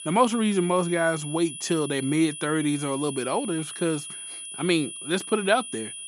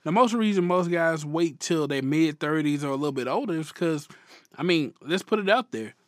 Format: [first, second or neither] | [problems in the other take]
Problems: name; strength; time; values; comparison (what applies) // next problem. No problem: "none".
second | high-pitched whine; loud; throughout; 10 kHz, 9 dB below the speech